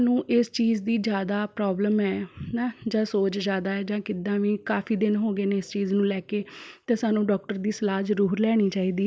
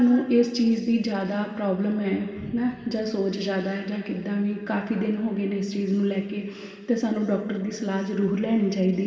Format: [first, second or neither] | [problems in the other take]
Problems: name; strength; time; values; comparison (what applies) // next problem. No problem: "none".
first | room echo; dies away in 2.1 s